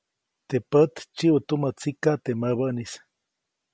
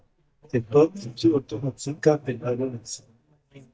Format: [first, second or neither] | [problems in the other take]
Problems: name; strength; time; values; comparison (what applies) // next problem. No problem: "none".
first | noise reduction (neural mask model DeepFilterNet 3)